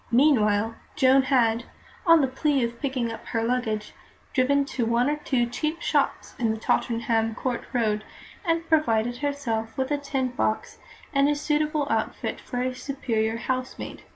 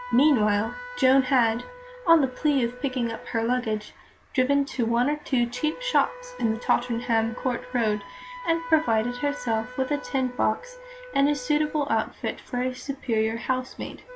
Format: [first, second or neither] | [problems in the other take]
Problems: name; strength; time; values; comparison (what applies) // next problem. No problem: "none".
first | background sound (Wind instrument, woodwind instrument); 16 dB below the speech